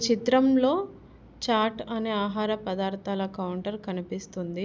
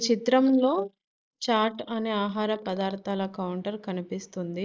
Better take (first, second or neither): first